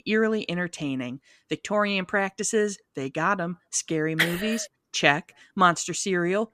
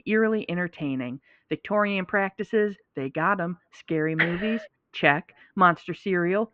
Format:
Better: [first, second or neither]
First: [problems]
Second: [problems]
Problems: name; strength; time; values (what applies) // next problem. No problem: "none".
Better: first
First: none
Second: muffled; very; fading above 2.5 kHz